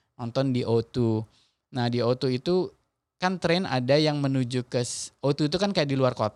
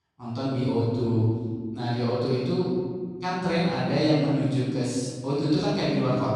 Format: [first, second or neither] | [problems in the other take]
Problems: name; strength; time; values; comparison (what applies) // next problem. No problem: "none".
first | off-mic speech; far // room echo; strong; dies away in 2 s